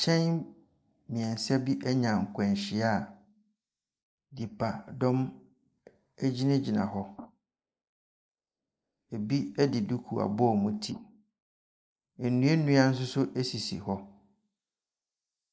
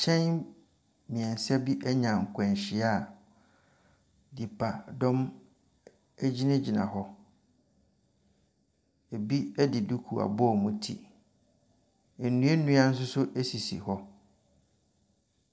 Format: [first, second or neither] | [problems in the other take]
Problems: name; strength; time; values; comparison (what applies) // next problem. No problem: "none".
second | noise reduction (neural mask model Resemble Enhance denoiser)